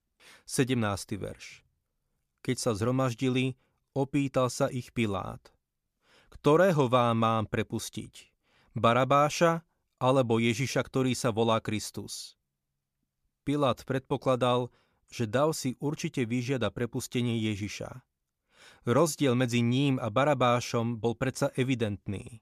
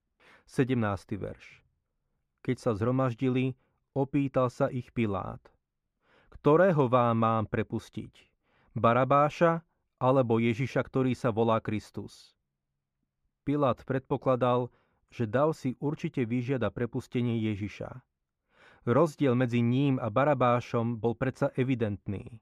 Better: first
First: none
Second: muffled; very; fading above 3.5 kHz

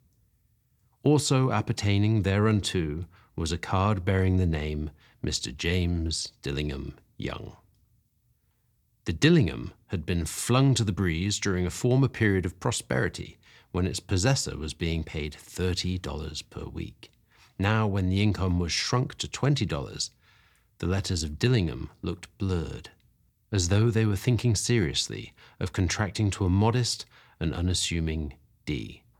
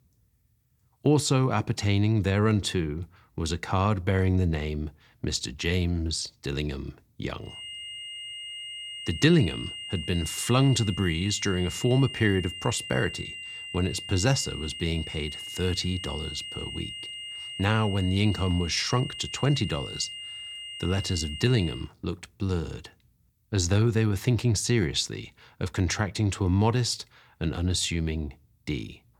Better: first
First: none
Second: high-pitched whine; loud; from 7.5 to 22 s; 3 kHz, 9 dB below the speech

